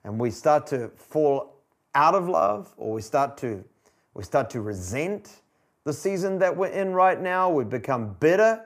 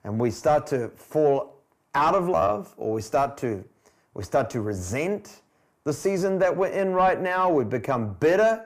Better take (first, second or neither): first